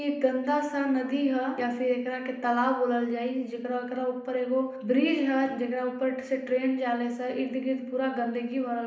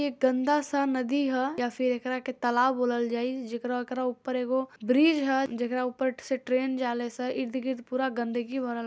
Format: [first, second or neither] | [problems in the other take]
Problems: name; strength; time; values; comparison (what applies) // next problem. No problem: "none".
second | room echo; dies away in 0.8 s